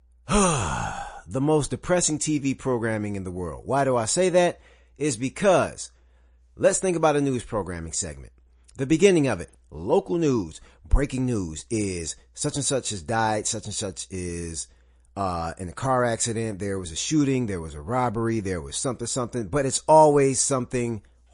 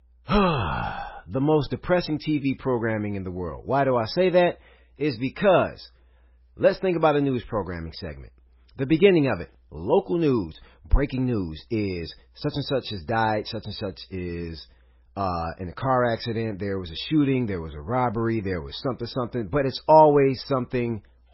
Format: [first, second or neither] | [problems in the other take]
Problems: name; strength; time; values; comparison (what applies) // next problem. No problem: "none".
first | garbled, watery; badly; nothing above 5.5 kHz; slightly in the first